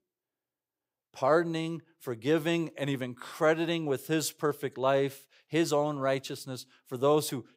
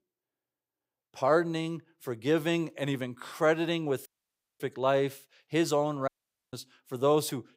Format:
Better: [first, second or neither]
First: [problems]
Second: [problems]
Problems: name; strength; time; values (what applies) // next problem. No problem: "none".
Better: first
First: none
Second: audio cutting out; at 4 s for 0.5 s and at 6 s